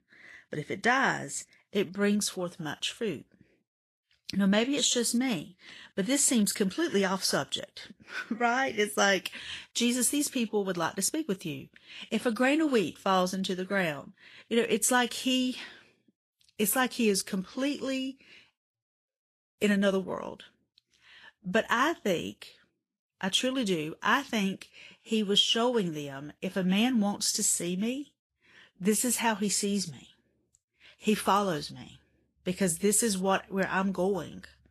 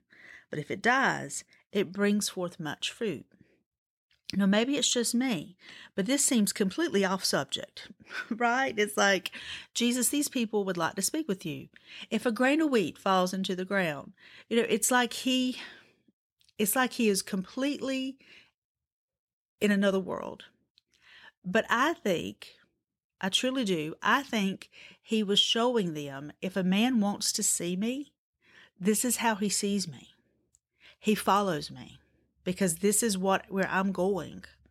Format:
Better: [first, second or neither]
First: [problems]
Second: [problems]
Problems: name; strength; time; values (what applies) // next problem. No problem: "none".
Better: second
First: garbled, watery; slightly; nothing above 12.5 kHz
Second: none